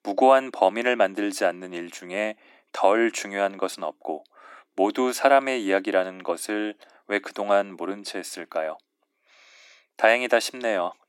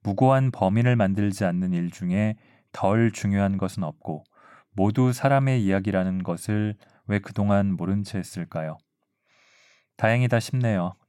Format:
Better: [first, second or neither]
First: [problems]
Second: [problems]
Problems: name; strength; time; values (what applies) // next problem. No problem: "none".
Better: second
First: thin; very; fading below 300 Hz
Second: none